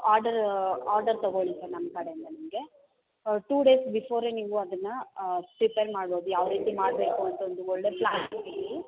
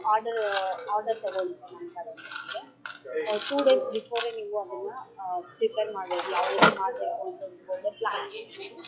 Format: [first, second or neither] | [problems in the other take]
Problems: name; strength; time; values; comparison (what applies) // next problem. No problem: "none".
first | noise reduction (classical method log-MMSE)